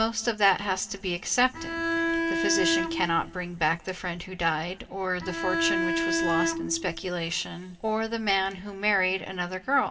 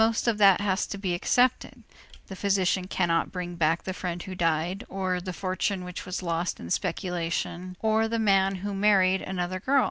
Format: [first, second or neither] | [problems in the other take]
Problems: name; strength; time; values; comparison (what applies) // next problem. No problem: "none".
second | background sound (Bowed string instrument); 1 dB above the speech // room echo; dies away in 1.7 s